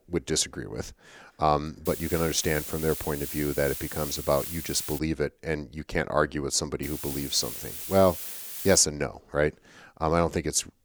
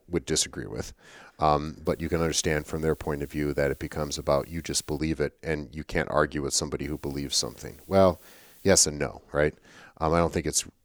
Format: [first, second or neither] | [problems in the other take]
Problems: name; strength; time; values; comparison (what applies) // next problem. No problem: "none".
second | hiss; loud; from 2 to 5 s and from 7 to 9 s; 6 dB below the speech; faint in the second